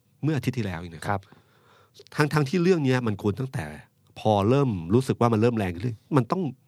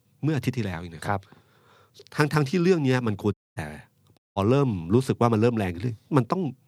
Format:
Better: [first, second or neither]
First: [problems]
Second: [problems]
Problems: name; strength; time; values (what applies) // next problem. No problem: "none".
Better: first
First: none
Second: audio cutting out; at 3.5 s and at 4 s